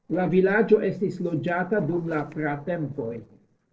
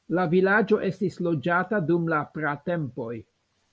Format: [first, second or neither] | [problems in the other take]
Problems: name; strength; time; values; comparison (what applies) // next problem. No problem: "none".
second | noise reduction (neural separator model SepFormer DNS4)